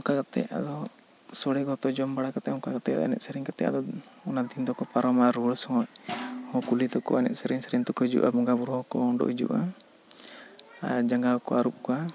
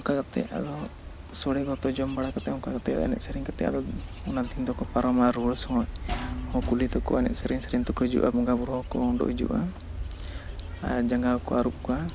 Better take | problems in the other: first | background sound (Wind / Bird / Insect); 8 dB below the speech

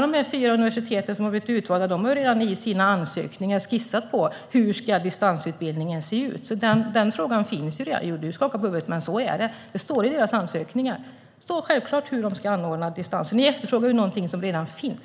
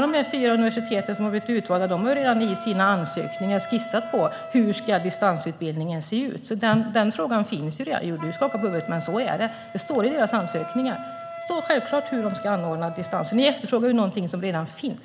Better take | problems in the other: first | background sound (Wind instrument, woodwind instrument); 13 dB below the speech

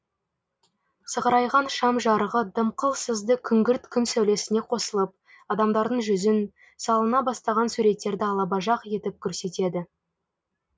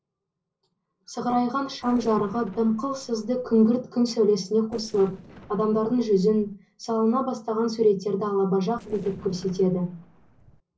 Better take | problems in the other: first | noise reduction (neural separator model SepFormer DNS4)

